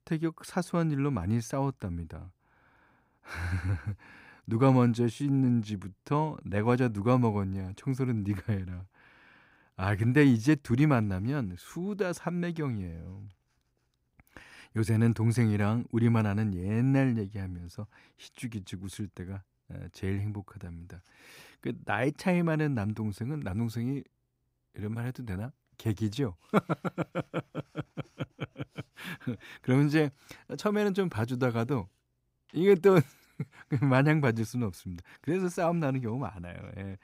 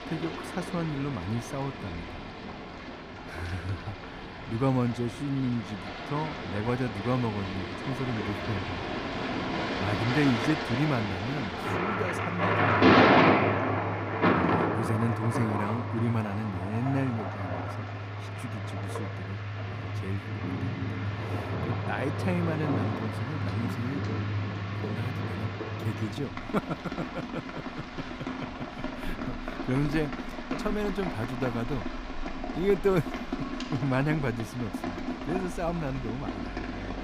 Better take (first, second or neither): first